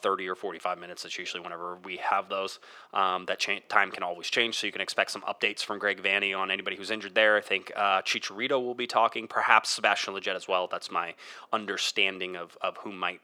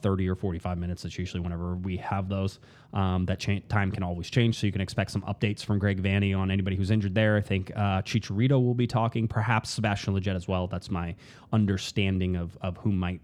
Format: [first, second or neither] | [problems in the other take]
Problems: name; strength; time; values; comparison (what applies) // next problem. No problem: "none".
second | thin; very; fading below 450 Hz